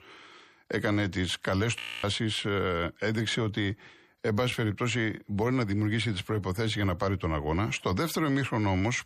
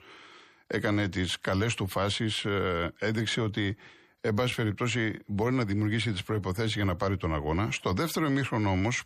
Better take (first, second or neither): second